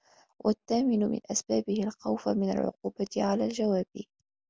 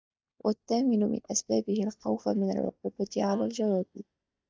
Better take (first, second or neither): first